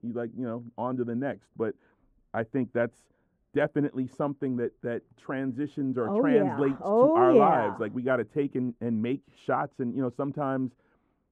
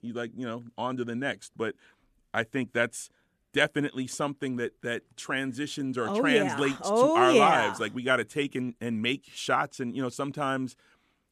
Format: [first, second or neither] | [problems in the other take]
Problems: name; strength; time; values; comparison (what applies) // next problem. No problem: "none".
second | muffled; very; fading above 2 kHz